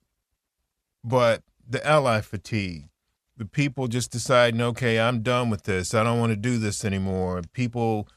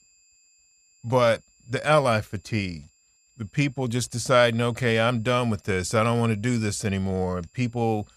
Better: first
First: none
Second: high-pitched whine; faint; throughout; 7.5 kHz, 35 dB below the speech

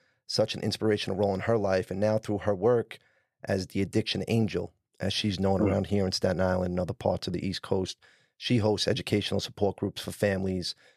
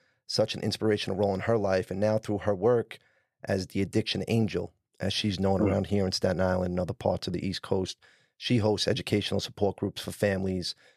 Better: neither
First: none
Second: none

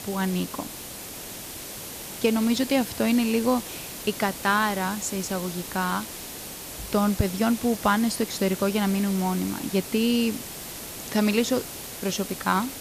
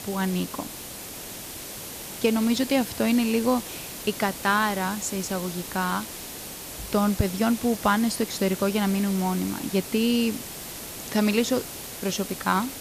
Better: neither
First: hiss; loud; throughout; 10 dB below the speech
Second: hiss; loud; throughout; 10 dB below the speech

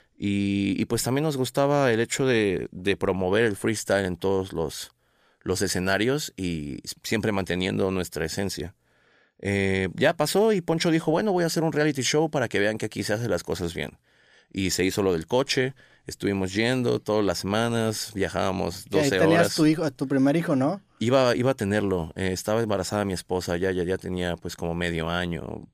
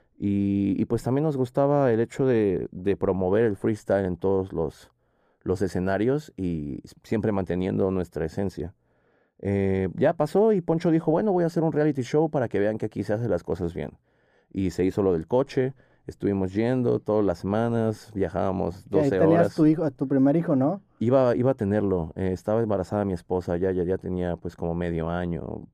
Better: first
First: none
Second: muffled; very; fading above 1.5 kHz

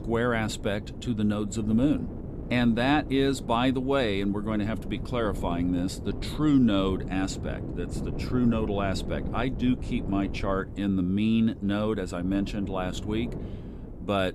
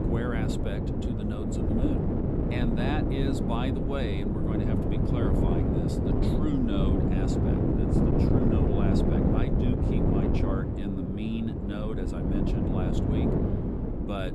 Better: first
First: wind noise on the microphone; occasional gusts; 15 dB below the speech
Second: wind noise on the microphone; heavy; 4 dB above the speech

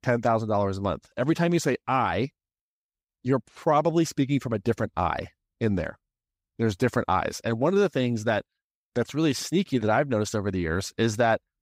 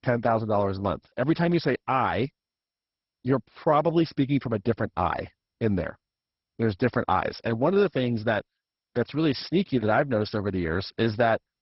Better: first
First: none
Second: garbled, watery; badly; nothing above 5.5 kHz

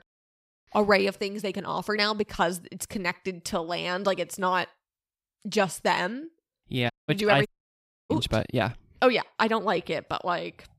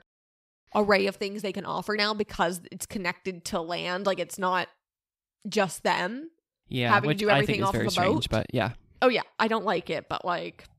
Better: second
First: audio cutting out; at 7 s and at 7.5 s for 0.5 s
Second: none

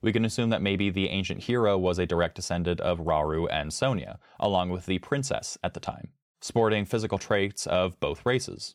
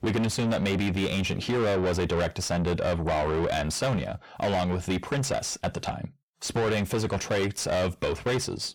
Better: first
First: none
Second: distortion; heavy; 6 dB below the speech

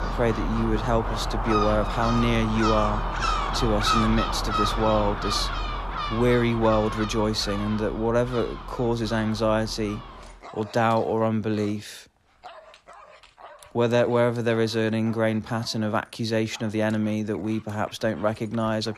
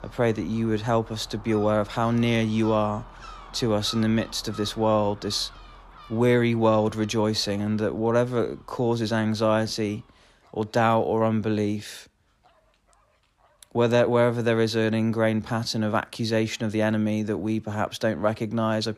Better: second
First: animal sounds; loud; throughout; 4 dB below the speech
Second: animal sounds; faint; throughout; 20 dB below the speech

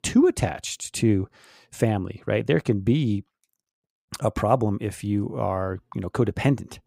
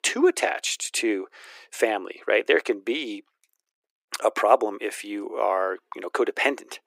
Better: first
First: none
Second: thin; very; fading below 350 Hz

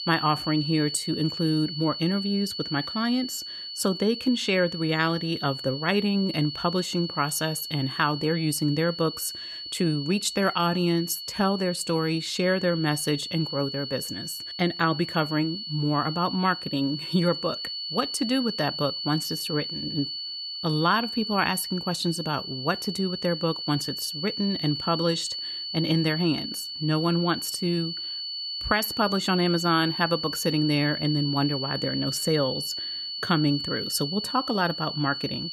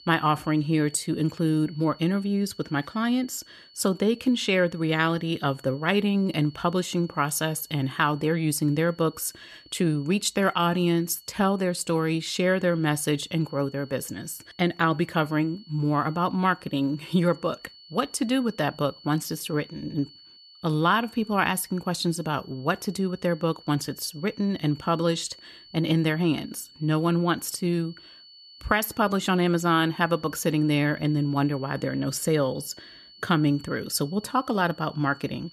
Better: second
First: high-pitched whine; loud; throughout; 4.5 kHz, 5 dB below the speech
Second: high-pitched whine; faint; throughout; 4.5 kHz, 25 dB below the speech

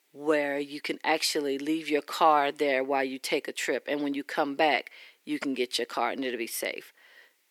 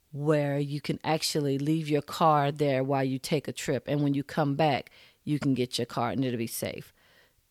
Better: second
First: thin; somewhat; fading below 300 Hz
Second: none

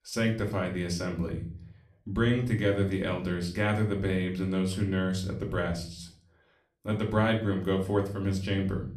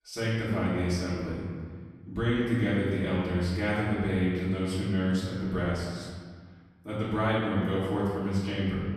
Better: first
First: room echo; slight; dies away in 0.4 s // off-mic speech; somewhat distant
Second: room echo; strong; dies away in 1.7 s // off-mic speech; far

